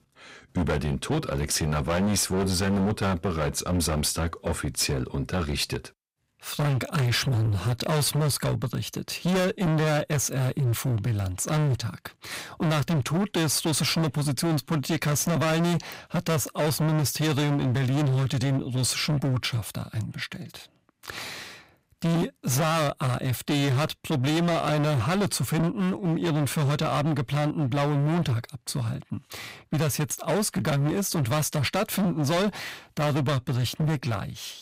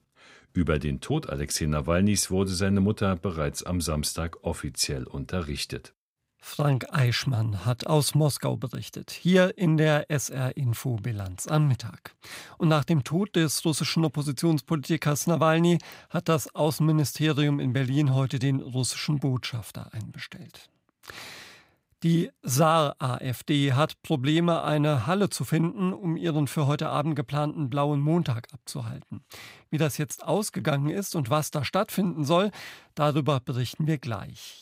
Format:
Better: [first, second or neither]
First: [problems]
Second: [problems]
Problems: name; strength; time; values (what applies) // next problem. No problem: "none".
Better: second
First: distortion; heavy; 25% of the sound clipped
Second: none